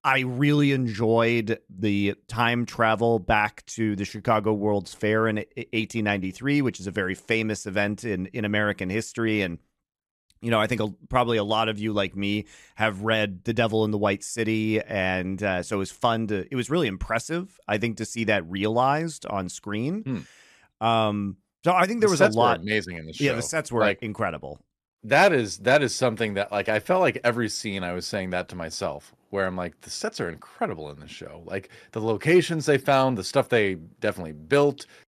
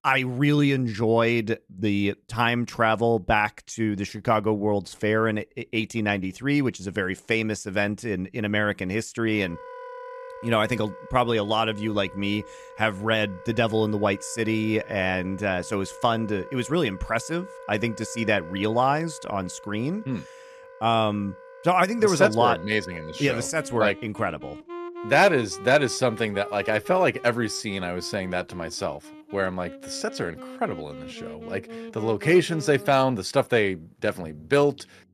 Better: first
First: none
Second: background music; noticeable; from 9.5 s on; 15 dB below the speech

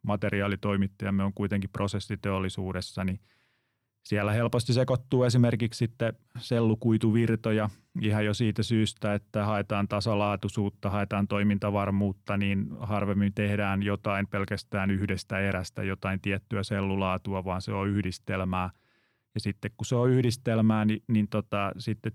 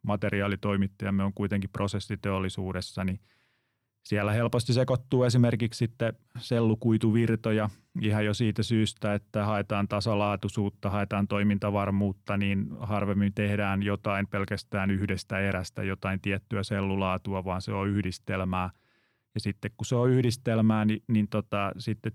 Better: neither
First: none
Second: none

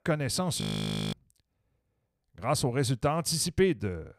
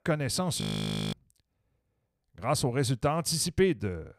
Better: neither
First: audio freezing; at 0.5 s for 0.5 s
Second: audio freezing; at 0.5 s for 0.5 s

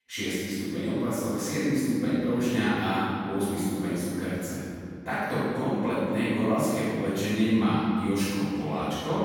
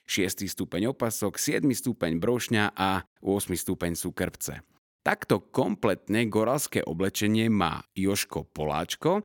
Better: second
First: off-mic speech; far // room echo; strong; dies away in 2.7 s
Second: none

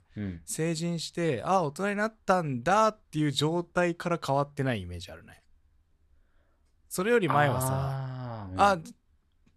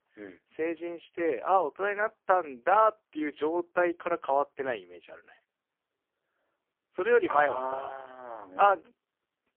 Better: first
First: none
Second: phone-call audio; poor line; nothing above 3 kHz

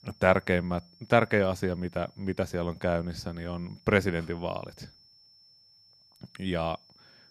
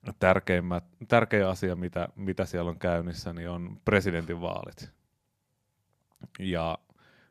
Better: second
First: high-pitched whine; faint; throughout; 5.5 kHz, 30 dB below the speech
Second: none

